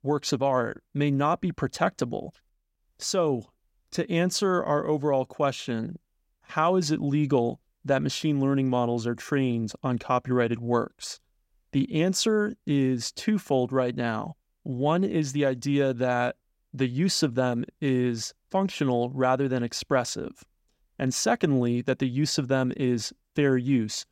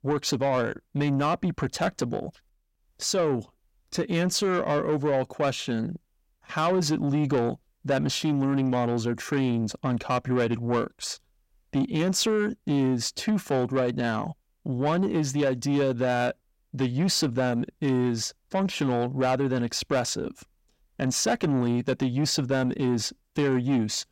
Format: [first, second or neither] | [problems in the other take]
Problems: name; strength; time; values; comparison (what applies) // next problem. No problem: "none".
first | distortion; slight; 10 dB below the speech